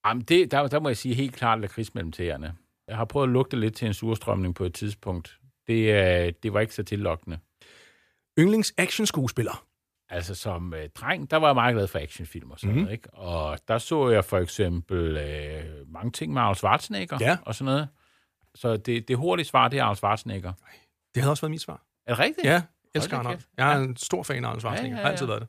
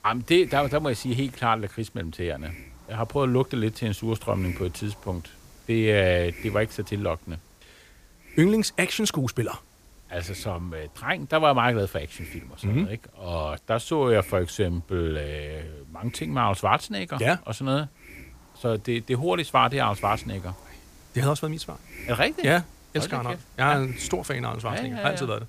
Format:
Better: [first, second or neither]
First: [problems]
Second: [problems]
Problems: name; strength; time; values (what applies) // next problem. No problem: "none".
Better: first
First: none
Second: hiss; faint; throughout; 20 dB below the speech